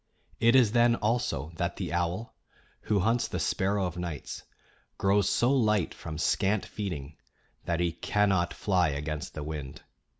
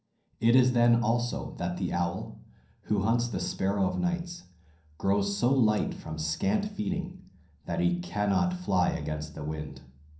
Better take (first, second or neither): first